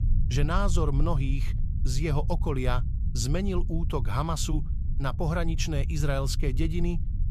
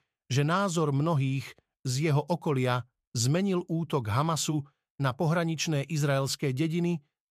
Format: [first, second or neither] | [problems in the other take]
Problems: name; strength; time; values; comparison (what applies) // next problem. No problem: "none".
second | low rumble; noticeable; throughout; 15 dB below the speech